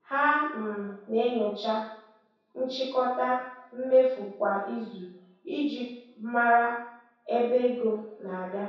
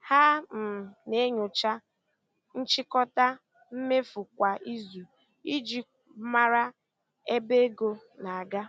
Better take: second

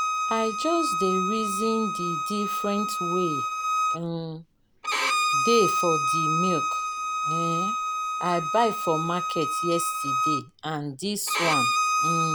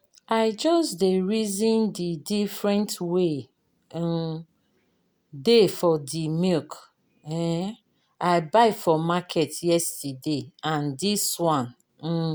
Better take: second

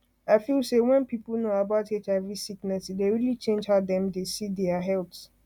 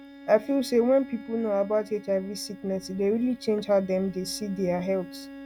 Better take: first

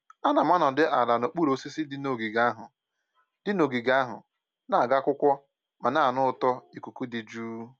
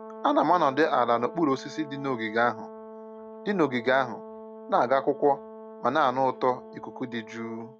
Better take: first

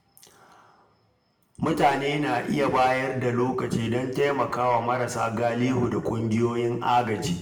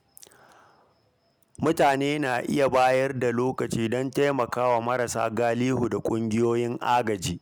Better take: second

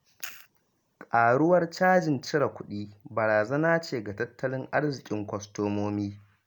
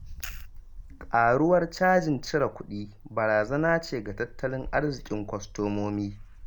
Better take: first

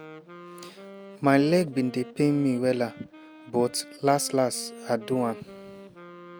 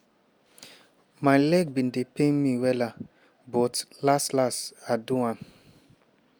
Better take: second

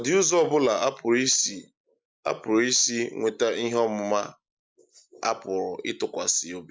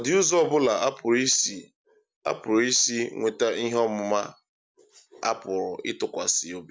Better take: second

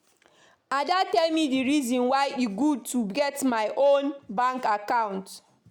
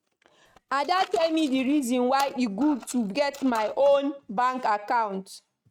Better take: first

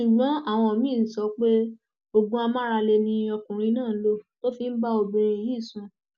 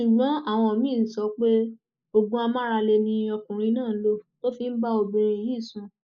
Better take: first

